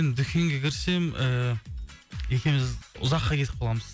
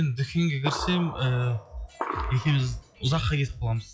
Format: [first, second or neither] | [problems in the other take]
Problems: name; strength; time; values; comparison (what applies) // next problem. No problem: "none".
first | noise reduction (classical method log-MMSE)